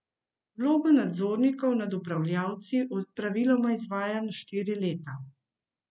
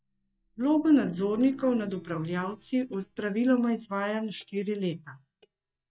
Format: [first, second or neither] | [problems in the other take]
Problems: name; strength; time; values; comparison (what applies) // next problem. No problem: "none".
first | noise reduction (neural mask model DeepFilterNet 3)